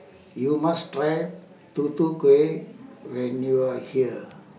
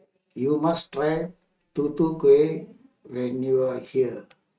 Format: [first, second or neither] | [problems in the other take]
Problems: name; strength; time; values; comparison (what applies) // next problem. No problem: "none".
first | noise reduction (neural mask model RNNoise)